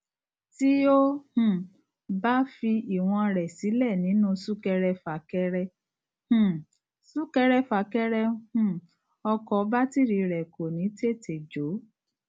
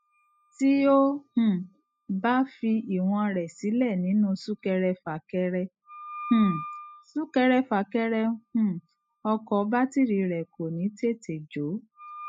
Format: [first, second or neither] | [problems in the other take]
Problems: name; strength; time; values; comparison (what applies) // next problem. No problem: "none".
first | noise reduction (classical method spectral subtraction)